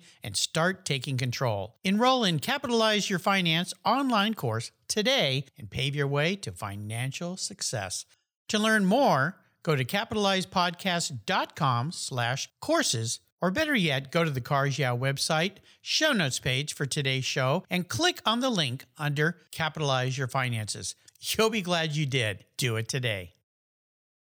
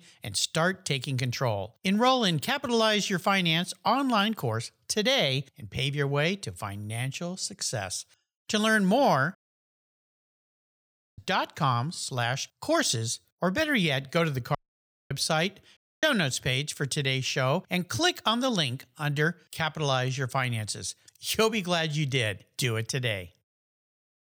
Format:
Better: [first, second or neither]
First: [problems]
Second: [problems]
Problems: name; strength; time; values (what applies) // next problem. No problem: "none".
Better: first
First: none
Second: audio cutting out; at 9.5 s for 2 s, at 15 s for 0.5 s and at 16 s